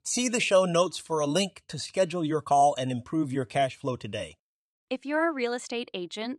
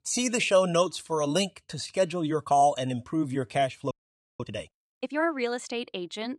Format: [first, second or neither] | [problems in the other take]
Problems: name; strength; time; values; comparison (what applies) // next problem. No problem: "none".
first | audio freezing; at 4 s